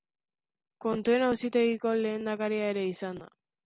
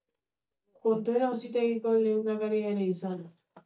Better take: first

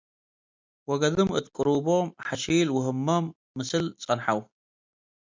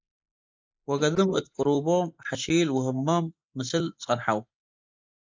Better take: first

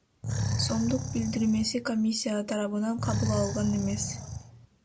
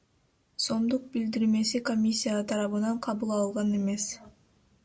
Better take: second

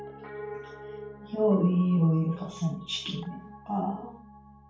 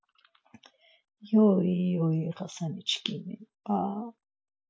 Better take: second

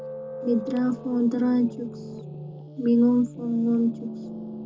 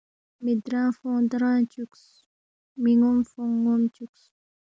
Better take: second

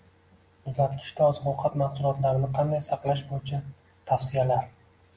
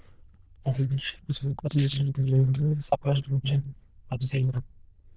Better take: first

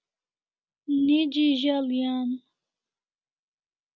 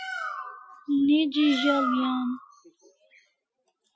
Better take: first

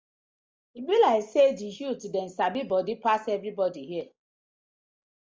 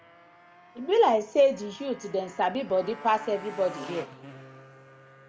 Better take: first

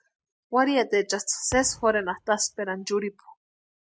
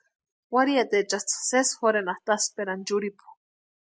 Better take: second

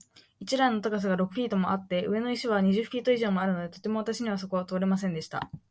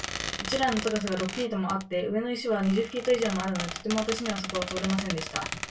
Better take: first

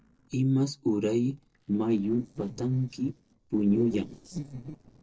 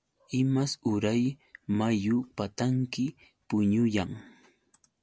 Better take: second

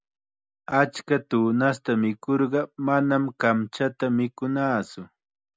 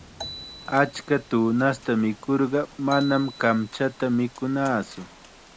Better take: first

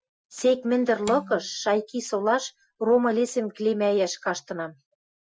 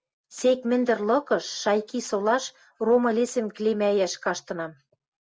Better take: second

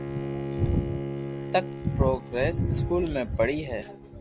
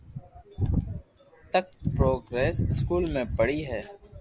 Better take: second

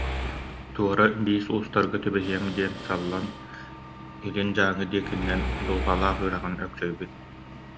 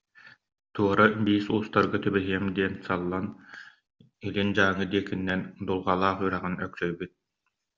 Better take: second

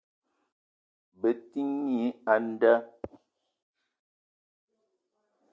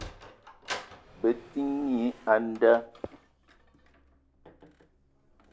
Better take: first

